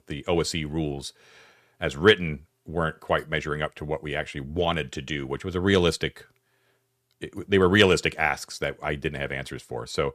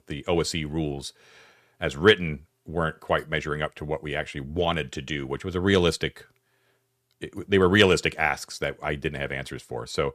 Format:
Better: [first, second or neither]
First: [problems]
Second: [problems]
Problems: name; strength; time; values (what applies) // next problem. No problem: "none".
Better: neither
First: none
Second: none